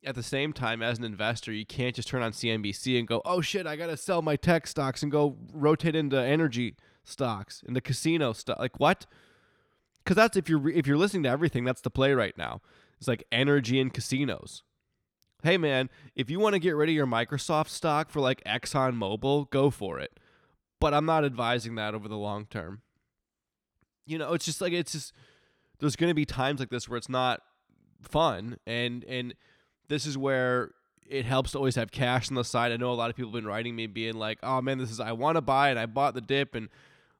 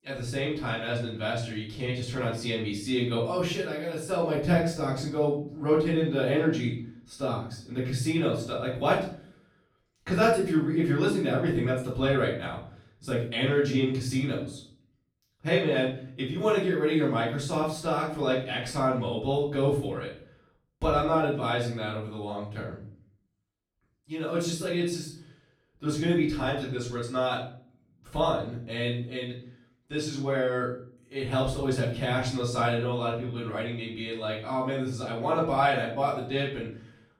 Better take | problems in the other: first | room echo; noticeable; dies away in 0.5 s // off-mic speech; far

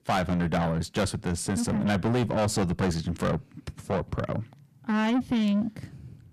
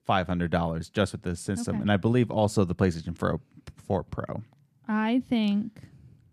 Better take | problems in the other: second | distortion; heavy; 6 dB below the speech

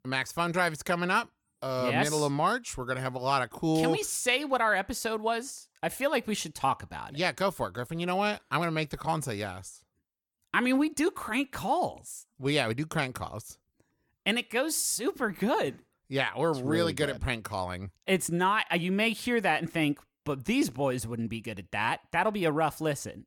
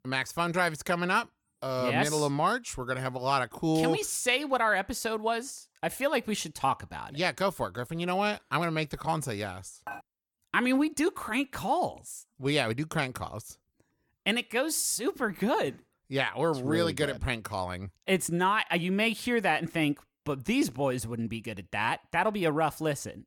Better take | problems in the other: first | clattering dishes; faint; at 10 s; peak 15 dB below the speech

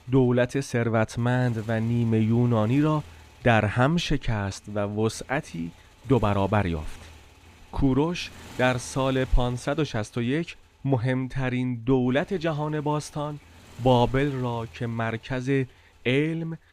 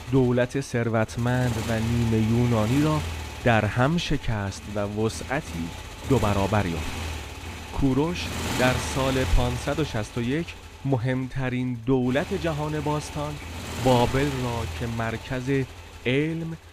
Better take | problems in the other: first | traffic noise; loud; throughout; 8 dB below the speech; faint in the first

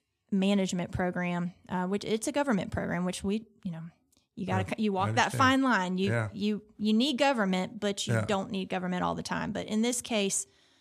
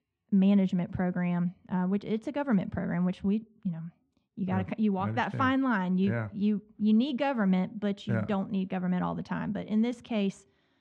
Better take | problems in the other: first | muffled; very; fading above 2.5 kHz

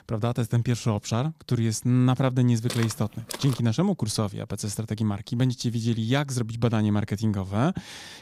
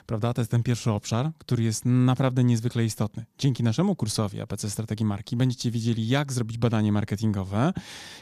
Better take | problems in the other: second | footsteps; noticeable; at 2.5 s; peak 9 dB below the speech

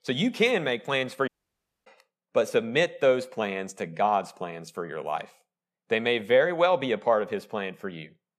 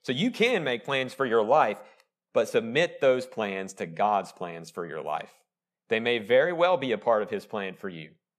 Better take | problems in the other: second | audio cutting out; at 1.5 s for 0.5 s

